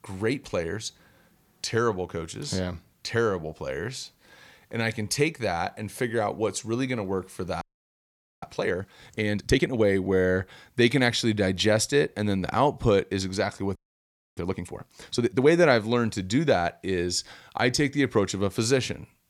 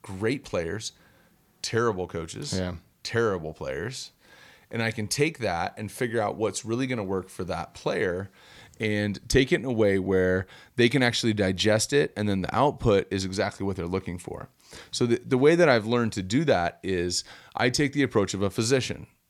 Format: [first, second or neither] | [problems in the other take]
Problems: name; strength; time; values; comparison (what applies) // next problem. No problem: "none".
second | audio freezing; at 7.5 s for 1 s and at 14 s for 0.5 s